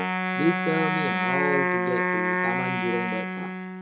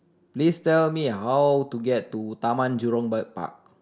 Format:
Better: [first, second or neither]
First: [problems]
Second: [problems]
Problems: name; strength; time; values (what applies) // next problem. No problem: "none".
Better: second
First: background sound (Wind instrument, woodwind instrument); 4 dB above the speech // room echo; dies away in 0.2 s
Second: none